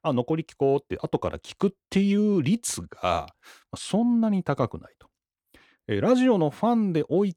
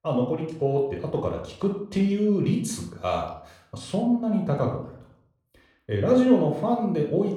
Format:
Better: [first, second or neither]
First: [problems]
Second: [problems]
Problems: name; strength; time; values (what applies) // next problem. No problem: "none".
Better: first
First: none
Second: off-mic speech; somewhat distant // room echo; slight; dies away in 0.5 s